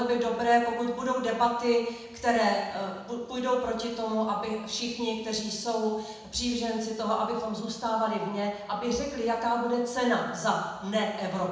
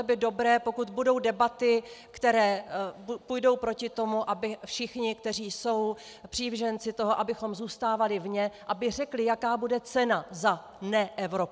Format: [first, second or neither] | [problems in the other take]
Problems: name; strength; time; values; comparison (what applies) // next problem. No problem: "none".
second | room echo; dies away in 1 s